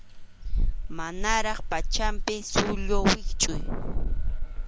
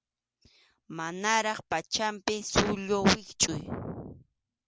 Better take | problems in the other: second | background sound (Keys jangling); 4 dB above the speech

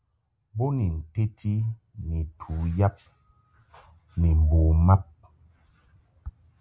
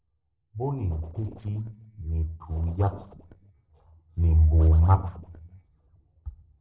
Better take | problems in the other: first | noise reduction (neural separator model SepFormer DNS4)

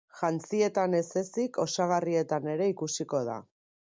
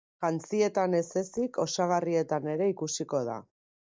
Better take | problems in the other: first | noise reduction (neural mask model DeepFilterNet 3)

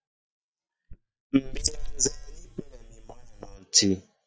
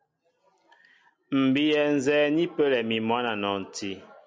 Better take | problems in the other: second | noise reduction (neural mask model DeepFilterNet 3)

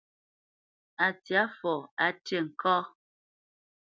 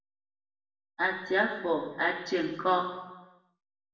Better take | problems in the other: first | room echo; dies away in 1 s

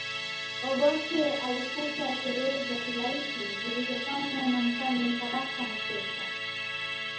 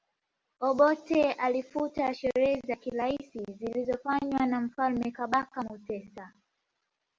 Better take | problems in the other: second | background sound (Musical instrument); 2 dB below the speech // room echo; dies away in 0.6 s

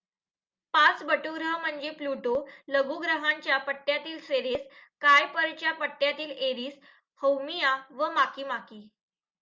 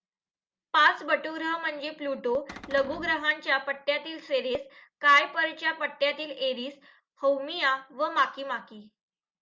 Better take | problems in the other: first | background sound (Cupboard open or close); 16 dB below the speech

